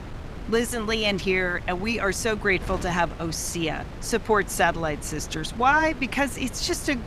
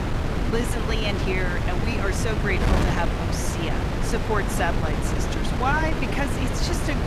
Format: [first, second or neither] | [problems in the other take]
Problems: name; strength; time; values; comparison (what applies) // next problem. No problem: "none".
first | wind noise on the microphone; heavy; 2 dB below the speech; occasional gusts in the first